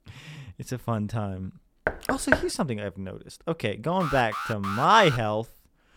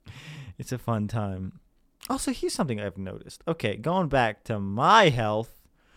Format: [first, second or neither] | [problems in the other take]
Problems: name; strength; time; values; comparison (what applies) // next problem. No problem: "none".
second | door banging; loud; at 2 s; peak 1 dB above the speech // alarm; noticeable; from 4 to 5 s; peak 6 dB below the speech